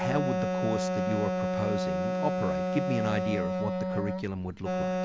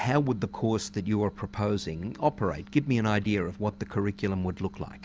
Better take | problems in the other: second | background sound (Wind instrument, woodwind instrument); 3 dB above the speech

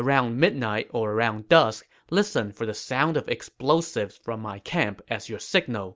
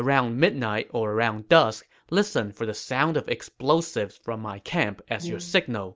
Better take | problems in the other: first | background sound (Brass instrument); 12 dB below the speech

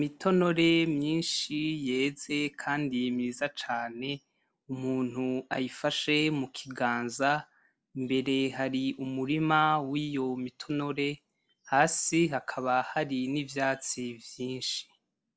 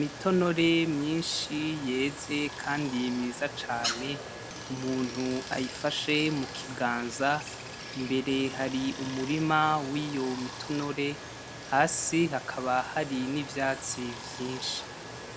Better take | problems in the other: first | background sound (Stream); 10 dB below the speech

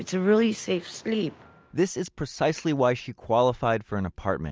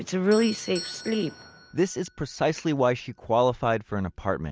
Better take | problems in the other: first | background sound (Doorbell); 19 dB below the speech

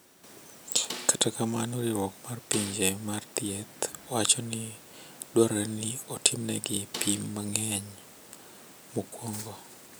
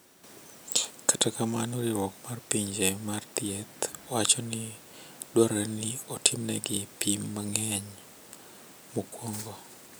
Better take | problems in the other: second | background sound (Snare drum); 12 dB below the speech

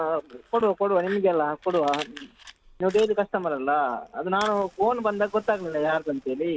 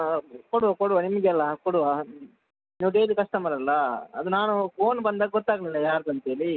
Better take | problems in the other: second | background sound (Fire); 20 dB below the speech

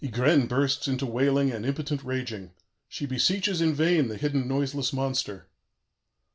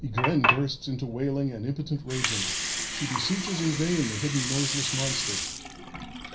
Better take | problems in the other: first | background sound (Water); 1 dB below the speech // room echo; dies away in 0.5 s

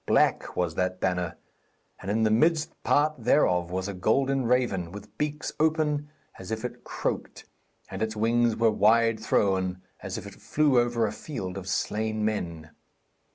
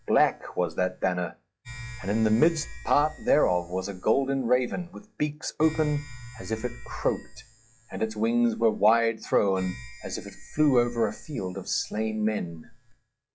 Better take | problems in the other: first | noise reduction (classical method log-MMSE)

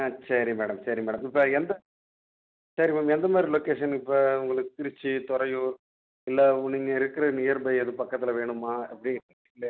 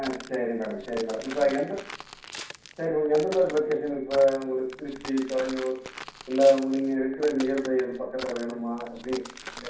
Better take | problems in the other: first | background sound (Walk, footsteps); 15 dB below the speech // room echo; dies away in 0.6 s

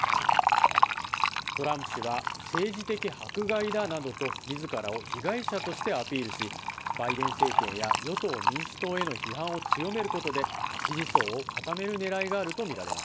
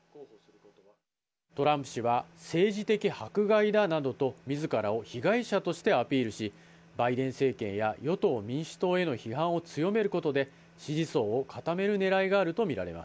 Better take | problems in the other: second | background sound (Fill (with liquid)); 3 dB above the speech

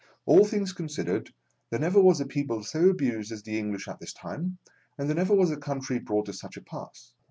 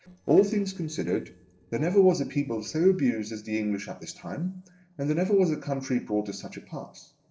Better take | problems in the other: first | noise reduction (neural separator model SepFormer DNS4)

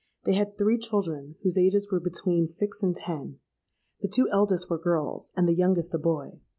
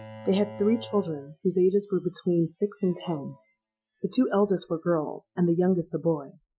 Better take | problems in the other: first | noise reduction (classical method Wiener filter)

